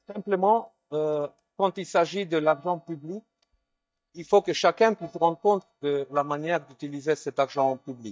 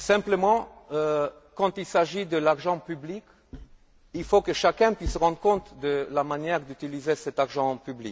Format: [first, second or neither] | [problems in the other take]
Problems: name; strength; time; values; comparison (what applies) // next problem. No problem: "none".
second | noise reduction (neural mask model DeepFilterNet 3)